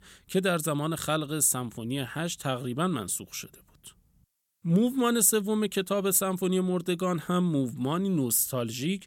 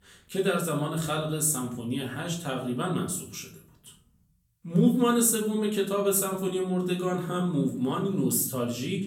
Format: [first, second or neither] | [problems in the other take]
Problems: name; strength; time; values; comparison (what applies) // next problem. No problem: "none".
first | room echo; slight; dies away in 0.5 s // off-mic speech; far